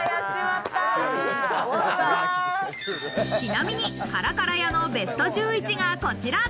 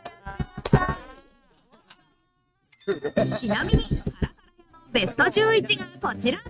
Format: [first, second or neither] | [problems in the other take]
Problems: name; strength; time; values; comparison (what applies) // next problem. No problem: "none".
first | noise reduction (neural mask model RNNoise)